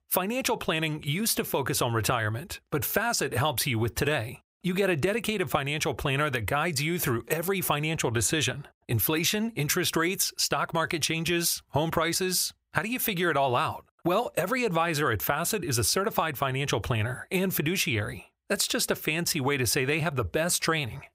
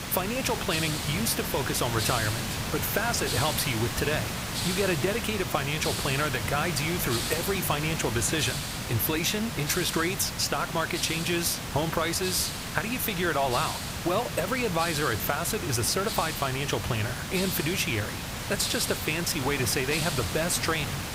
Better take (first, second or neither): first